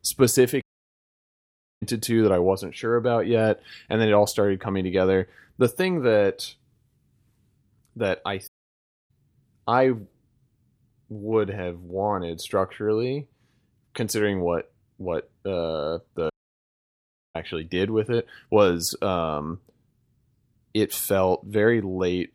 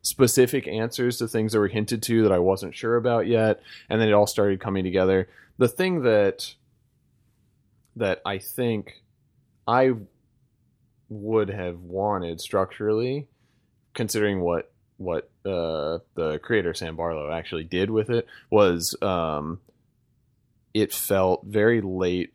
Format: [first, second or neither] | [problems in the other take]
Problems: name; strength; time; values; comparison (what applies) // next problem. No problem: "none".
second | audio cutting out; at 0.5 s for 1 s, at 8.5 s for 0.5 s and at 16 s for 1 s